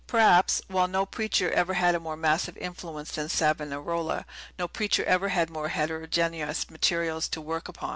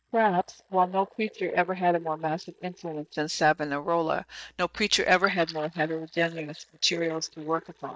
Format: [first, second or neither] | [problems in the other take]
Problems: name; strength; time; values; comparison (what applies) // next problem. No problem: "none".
first | noise reduction (neural mask model DeepFilterNet 3)